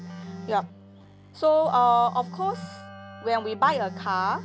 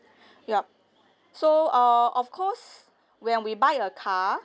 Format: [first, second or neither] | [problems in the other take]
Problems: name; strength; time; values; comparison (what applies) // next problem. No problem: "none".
second | background sound (Telephone + Keyboard (musical)); 14 dB below the speech